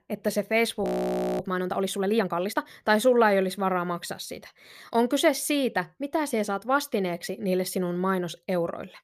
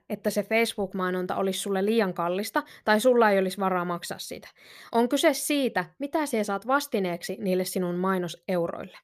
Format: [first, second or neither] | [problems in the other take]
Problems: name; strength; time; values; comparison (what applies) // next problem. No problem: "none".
second | audio freezing; at 1 s for 0.5 s